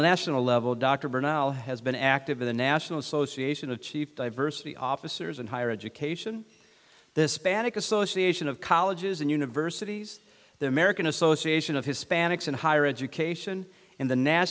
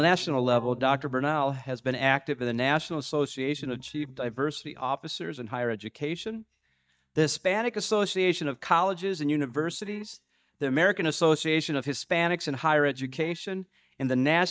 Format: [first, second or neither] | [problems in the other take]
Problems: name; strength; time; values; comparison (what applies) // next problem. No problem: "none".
first | noise reduction (neural mask model DeepFilterNet 3)